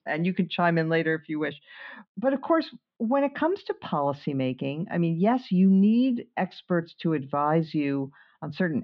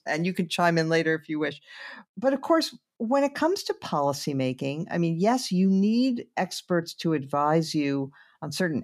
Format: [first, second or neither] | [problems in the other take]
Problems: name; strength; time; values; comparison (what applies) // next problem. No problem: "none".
second | muffled; slightly; fading above 3.5 kHz